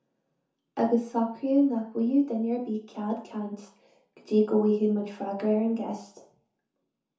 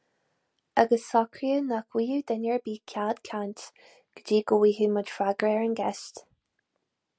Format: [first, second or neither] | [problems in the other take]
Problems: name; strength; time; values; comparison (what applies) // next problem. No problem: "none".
second | room echo; dies away in 0.7 s